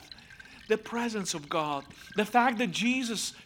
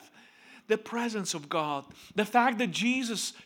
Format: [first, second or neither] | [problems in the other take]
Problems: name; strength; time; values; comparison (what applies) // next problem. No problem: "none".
second | rain or running water; faint; throughout; 20 dB below the speech